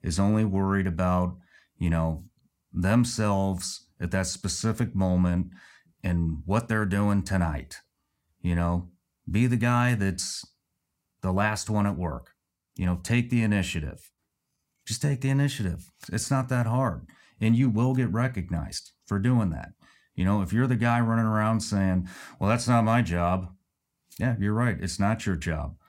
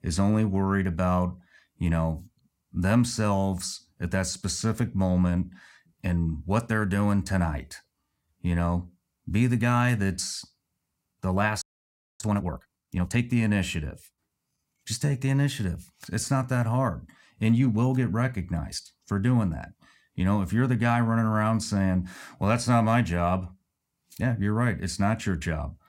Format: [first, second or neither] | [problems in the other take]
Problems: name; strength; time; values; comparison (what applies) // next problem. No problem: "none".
first | audio freezing; at 12 s for 0.5 s